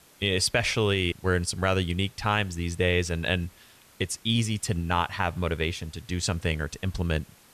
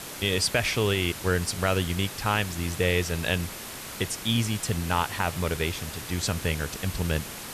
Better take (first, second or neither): first